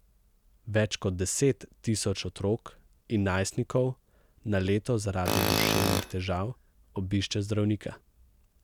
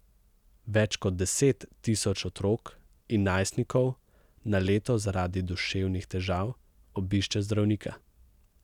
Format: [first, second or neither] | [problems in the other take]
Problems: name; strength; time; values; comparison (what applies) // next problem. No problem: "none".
second | background sound (Tools); 1 dB above the speech